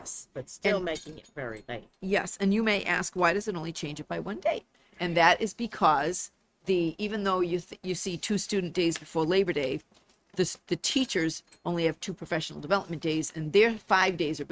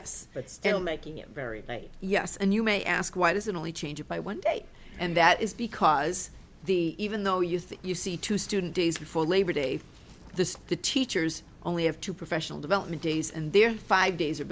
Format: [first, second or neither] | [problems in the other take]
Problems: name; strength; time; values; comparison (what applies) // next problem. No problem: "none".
second | noise reduction (neural mask model RNNoise)